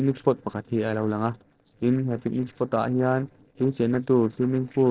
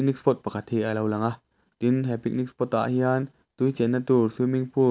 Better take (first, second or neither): second